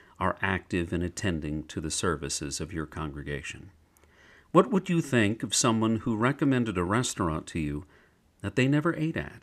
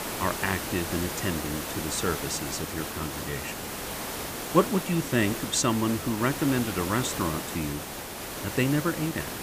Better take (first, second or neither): first